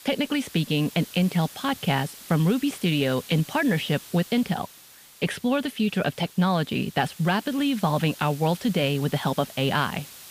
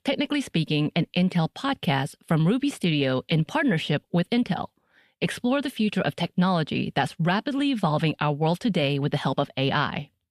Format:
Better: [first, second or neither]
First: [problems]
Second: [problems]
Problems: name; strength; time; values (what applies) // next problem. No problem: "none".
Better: second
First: hiss; noticeable; throughout; 20 dB below the speech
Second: none